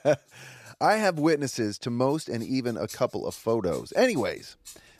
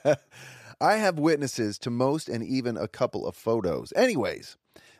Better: second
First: household noises; faint; throughout; 20 dB below the speech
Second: none

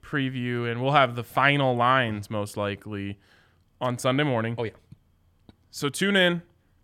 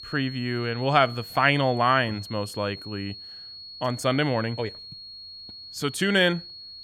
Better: first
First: none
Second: high-pitched whine; noticeable; throughout; 4.5 kHz, 15 dB below the speech

